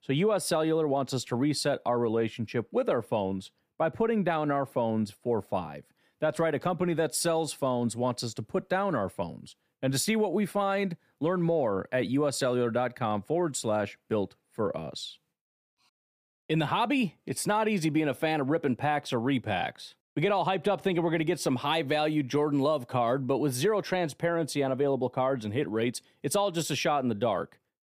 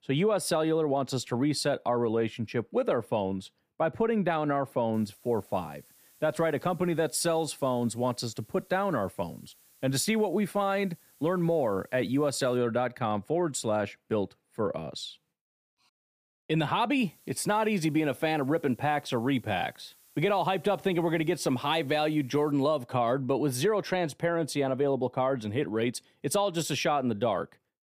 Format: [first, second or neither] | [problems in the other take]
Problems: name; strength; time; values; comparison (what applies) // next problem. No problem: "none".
first | hiss; faint; from 5 to 13 s and from 17 to 23 s; 30 dB below the speech